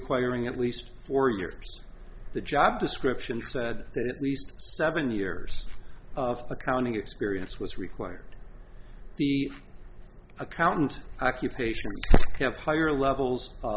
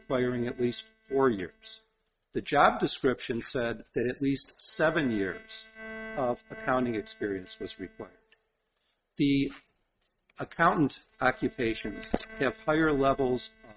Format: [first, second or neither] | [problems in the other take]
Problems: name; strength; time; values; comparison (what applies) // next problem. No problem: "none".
first | noise reduction (neural mask model RNNoise)